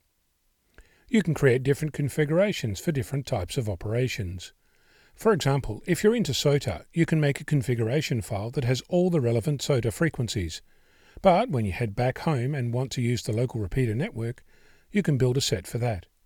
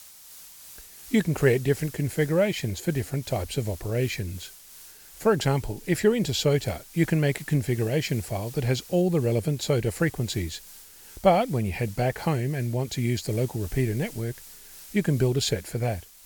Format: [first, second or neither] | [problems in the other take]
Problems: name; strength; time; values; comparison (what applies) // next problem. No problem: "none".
first | hiss; noticeable; throughout; 20 dB below the speech